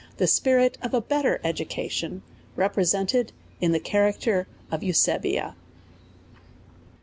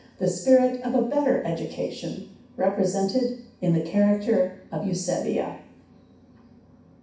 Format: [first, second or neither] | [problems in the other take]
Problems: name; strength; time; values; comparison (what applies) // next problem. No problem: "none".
first | room echo; dies away in 0.6 s